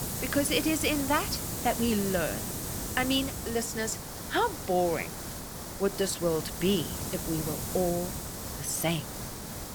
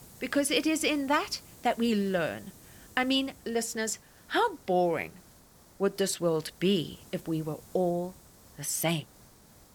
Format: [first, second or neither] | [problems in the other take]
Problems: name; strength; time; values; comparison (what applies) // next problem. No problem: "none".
second | hiss; loud; throughout; 5 dB below the speech; faint in the second